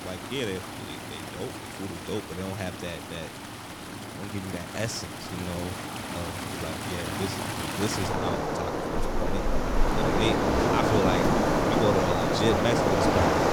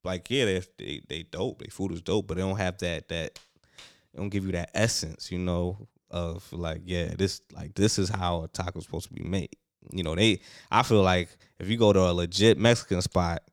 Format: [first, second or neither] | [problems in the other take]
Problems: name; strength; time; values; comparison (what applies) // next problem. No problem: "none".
second | rain or running water; very loud; throughout; 5 dB above the speech